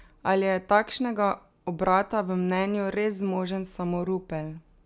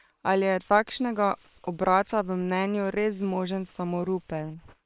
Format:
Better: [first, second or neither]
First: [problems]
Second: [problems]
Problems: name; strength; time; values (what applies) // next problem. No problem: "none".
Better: first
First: none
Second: noise reduction (neural separator model SepFormer WHAM!)